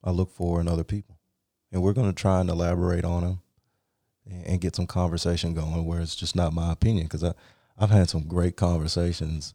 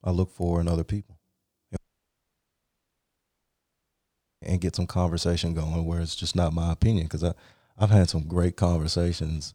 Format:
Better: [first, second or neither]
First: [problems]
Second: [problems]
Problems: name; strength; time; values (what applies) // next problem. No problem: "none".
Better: first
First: none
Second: audio cutting out; at 2 s for 2.5 s